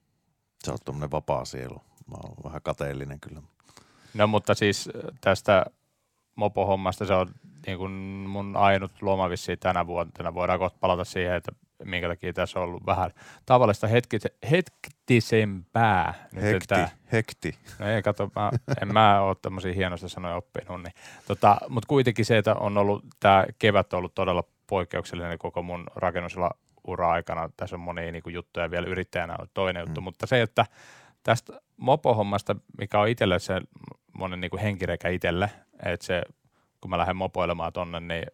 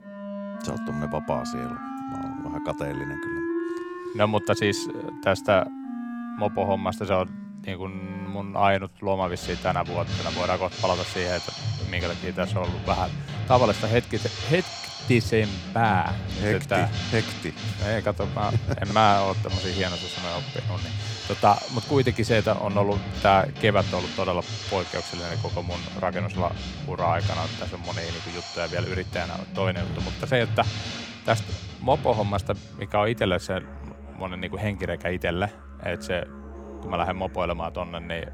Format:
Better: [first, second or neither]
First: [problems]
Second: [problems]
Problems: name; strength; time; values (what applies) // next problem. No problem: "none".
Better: first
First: none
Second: background music; loud; throughout; 6 dB below the speech